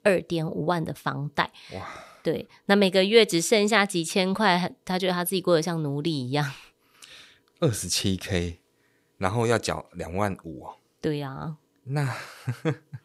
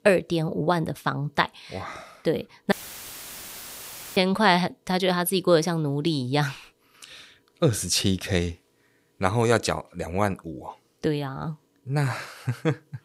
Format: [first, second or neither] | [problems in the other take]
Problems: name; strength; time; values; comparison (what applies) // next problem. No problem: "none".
first | audio cutting out; filled with static; at 2.5 s for 1.5 s